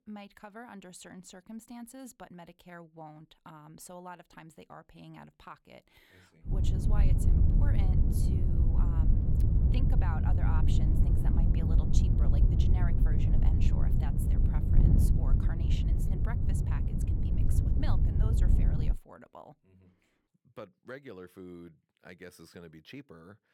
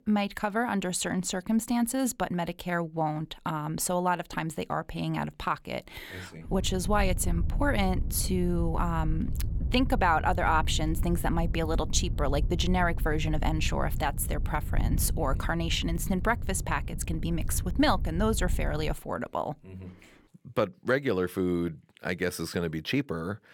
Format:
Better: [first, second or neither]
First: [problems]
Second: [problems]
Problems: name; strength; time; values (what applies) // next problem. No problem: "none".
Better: second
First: wind noise on the microphone; heavy; from 6.5 to 19 s; 5 dB above the speech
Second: wind noise on the microphone; occasional gusts; from 6.5 to 19 s; 20 dB below the speech